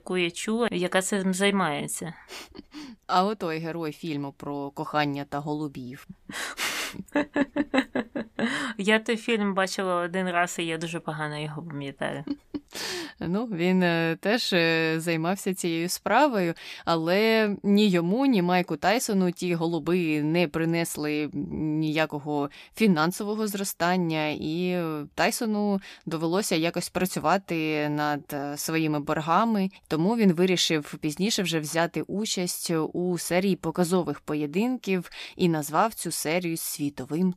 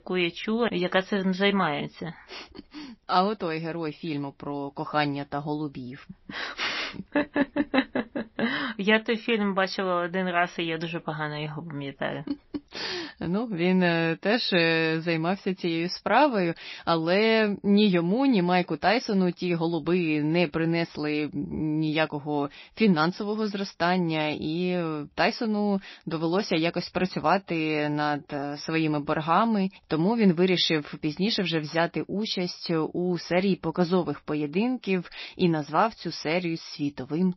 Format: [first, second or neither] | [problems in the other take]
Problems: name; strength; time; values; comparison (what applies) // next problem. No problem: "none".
first | garbled, watery; slightly; nothing above 5.5 kHz